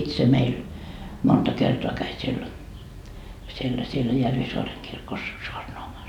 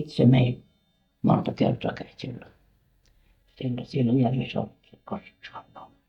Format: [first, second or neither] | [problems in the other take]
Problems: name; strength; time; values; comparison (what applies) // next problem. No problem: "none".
first | noise reduction (neural mask model DeepFilterNet 3)